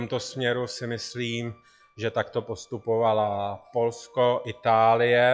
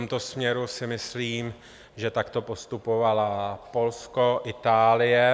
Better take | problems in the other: second | noise reduction (classical method log-MMSE)

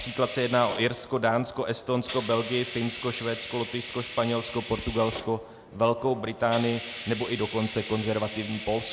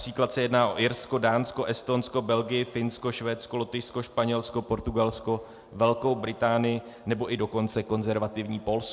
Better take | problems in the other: second | background sound (Hiss); 12 dB below the speech

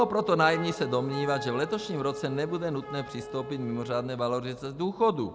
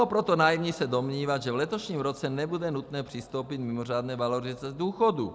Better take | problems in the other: second | background sound (Chink, clink + Wind instrument, woodwind instrument); 11 dB below the speech

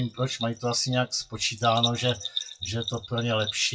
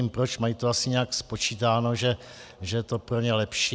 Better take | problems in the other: second | noise reduction (classical method WPE with log-MMSE)

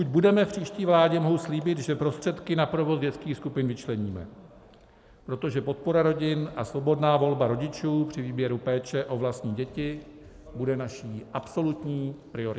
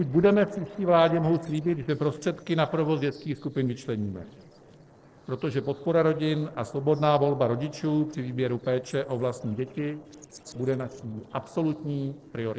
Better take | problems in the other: first | noise reduction (neural separator model SepFormer DNS4)

